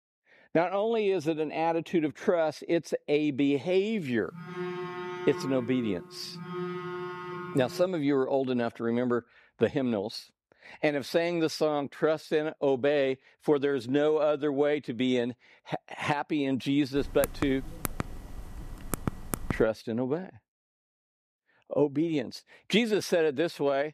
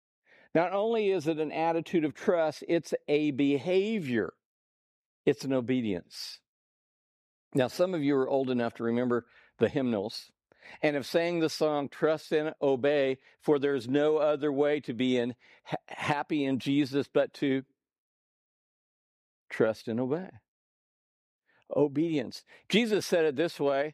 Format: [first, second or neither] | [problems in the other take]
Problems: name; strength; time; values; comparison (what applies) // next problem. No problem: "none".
second | phone ringing; noticeable; from 4.5 to 8 s; peak 7 dB below the speech // keyboard typing; noticeable; from 17 to 20 s; peak 6 dB below the speech